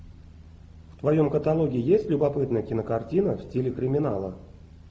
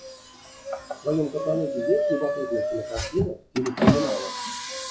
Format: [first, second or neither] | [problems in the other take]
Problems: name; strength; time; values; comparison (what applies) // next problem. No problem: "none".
first | noise reduction (classical method WPE with log-MMSE)